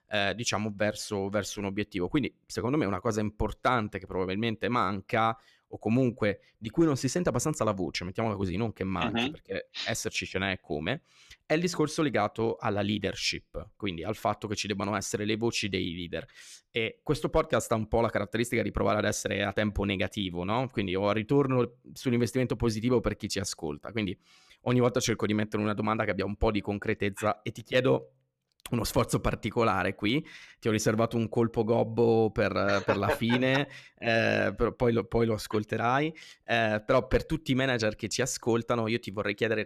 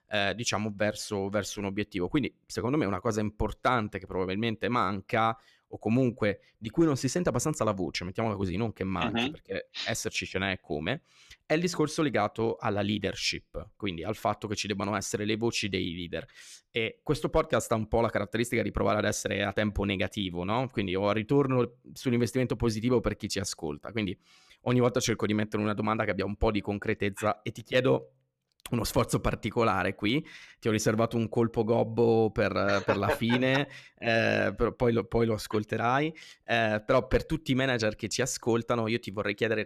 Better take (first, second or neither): neither